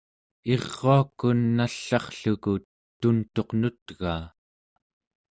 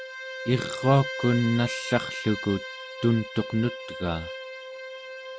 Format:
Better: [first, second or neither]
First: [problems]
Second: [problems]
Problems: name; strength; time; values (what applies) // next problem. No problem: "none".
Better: first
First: none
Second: background sound (Bowed string instrument); 9 dB below the speech